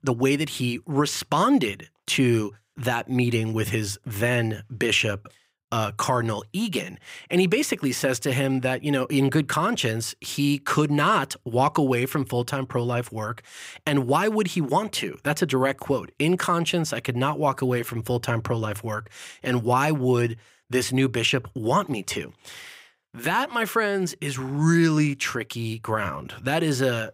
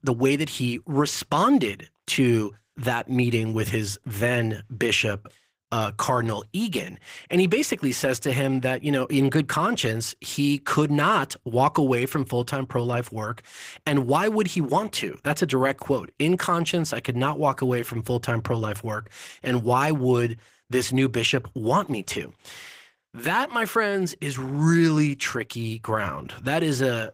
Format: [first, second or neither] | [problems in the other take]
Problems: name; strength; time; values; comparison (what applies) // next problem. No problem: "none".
first | garbled, watery; slightly; nothing above 15.5 kHz